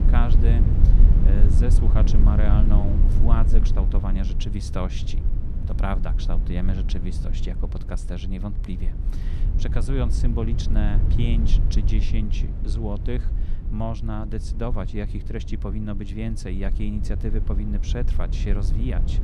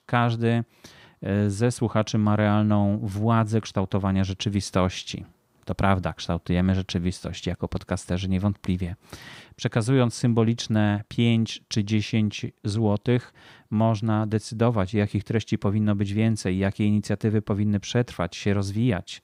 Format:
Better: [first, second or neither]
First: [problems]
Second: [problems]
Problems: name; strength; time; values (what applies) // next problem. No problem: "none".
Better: second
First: low rumble; loud; throughout; 5 dB below the speech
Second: none